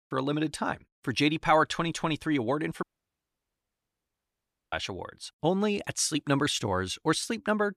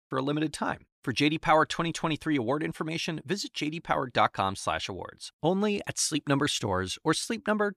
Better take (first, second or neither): second